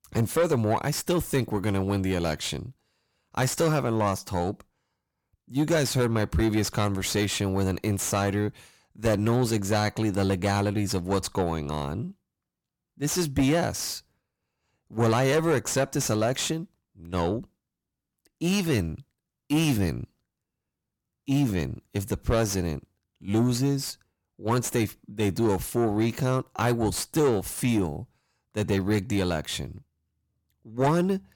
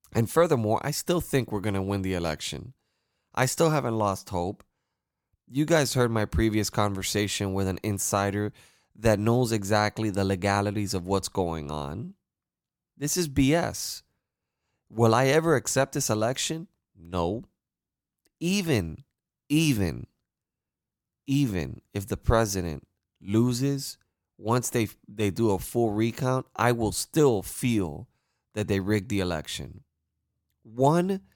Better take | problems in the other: second | distortion; slight; 10 dB below the speech

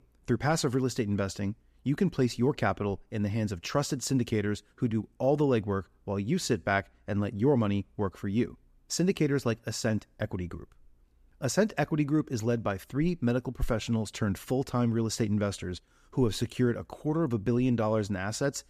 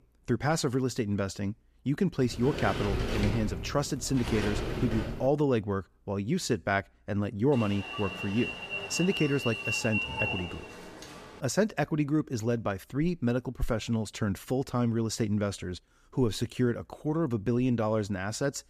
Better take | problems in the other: first | door banging; noticeable; from 2 to 5.5 s; peak 1 dB below the speech // alarm; loud; from 7.5 to 11 s; peak 1 dB above the speech

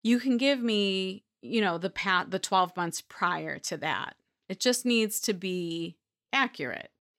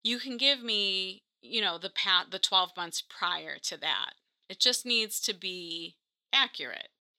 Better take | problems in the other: first | thin; somewhat; fading below 700 Hz

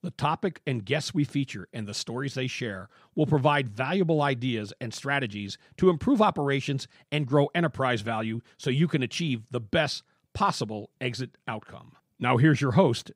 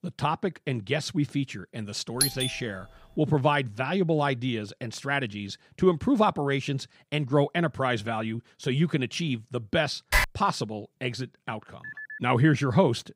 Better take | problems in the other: first | doorbell; loud; at 2 s; peak 2 dB above the speech // keyboard typing; loud; at 10 s; peak 3 dB above the speech // phone ringing; faint; at 12 s; peak 10 dB below the speech

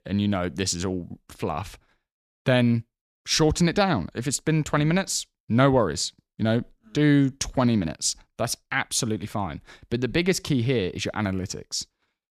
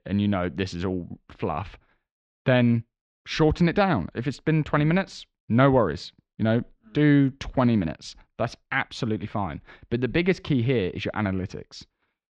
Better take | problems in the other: first | muffled; slightly; fading above 3 kHz

